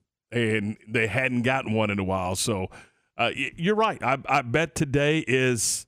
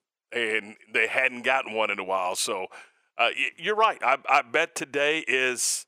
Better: first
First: none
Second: thin; very; fading below 550 Hz

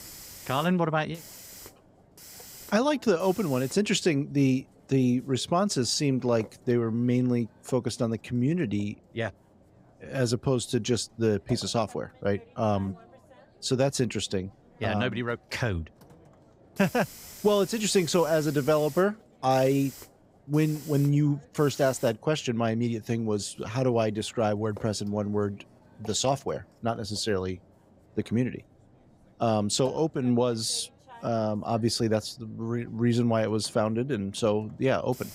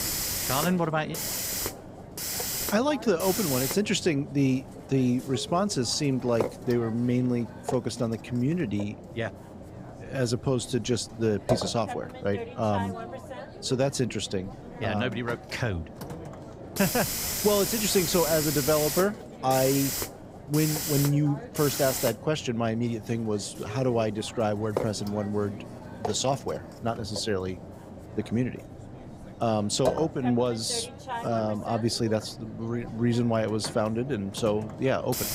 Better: first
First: hiss; faint; throughout; 20 dB below the speech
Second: hiss; loud; throughout; 6 dB below the speech

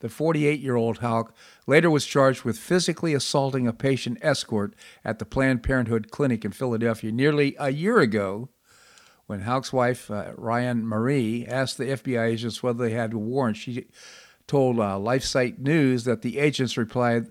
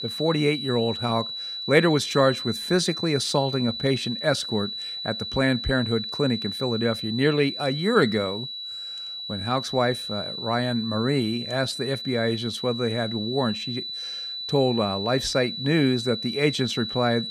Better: first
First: none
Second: high-pitched whine; loud; throughout; 4 kHz, 6 dB below the speech

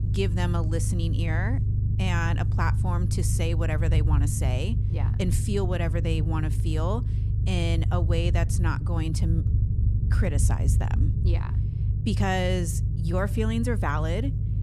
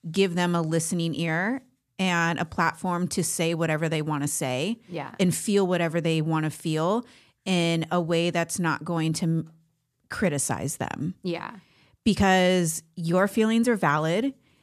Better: second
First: low rumble; loud; throughout; 8 dB below the speech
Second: none

